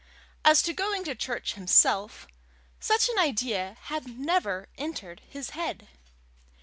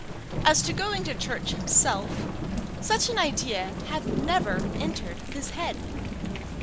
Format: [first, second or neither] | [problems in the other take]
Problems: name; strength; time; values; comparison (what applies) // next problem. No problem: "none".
first | background sound (Thunder / Rain); 3 dB below the speech